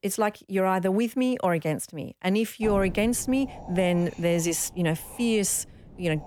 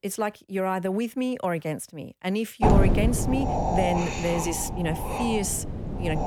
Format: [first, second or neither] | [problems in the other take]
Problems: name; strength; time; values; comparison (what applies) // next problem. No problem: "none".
first | wind noise on the microphone; heavy; from 2.5 s on; 1 dB above the speech; occasional gusts in the first